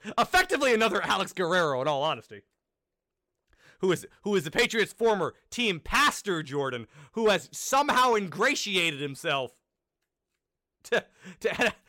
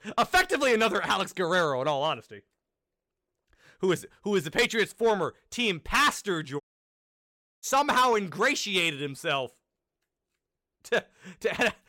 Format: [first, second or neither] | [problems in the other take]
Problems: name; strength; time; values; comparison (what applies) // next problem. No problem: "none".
first | audio cutting out; at 6.5 s for 1 s